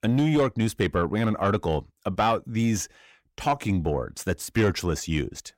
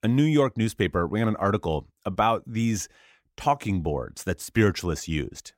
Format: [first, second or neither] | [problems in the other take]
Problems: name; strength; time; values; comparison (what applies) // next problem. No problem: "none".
second | distortion; slight; 10 dB below the speech